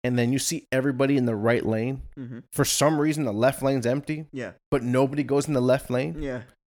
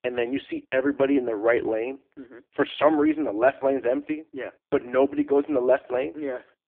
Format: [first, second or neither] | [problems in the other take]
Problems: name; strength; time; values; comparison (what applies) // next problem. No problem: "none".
first | phone-call audio; poor line; nothing above 3.5 kHz